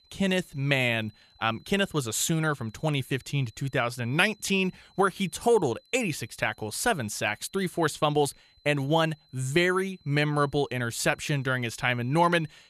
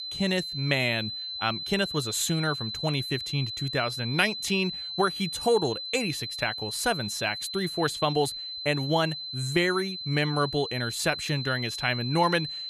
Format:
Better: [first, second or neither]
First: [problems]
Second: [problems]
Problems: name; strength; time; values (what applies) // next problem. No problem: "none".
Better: first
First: high-pitched whine; faint; throughout; 4 kHz, 35 dB below the speech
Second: high-pitched whine; loud; throughout; 4 kHz, 5 dB below the speech